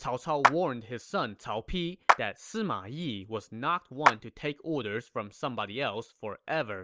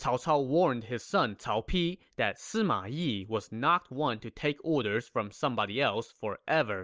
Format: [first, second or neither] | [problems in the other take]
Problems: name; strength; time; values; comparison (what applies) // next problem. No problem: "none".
second | background sound (Clapping); 2 dB above the speech